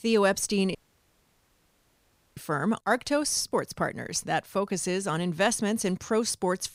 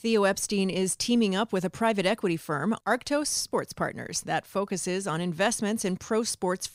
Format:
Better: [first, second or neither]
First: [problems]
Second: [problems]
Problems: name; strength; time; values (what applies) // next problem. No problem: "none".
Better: second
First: audio cutting out; at 1 s for 1.5 s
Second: none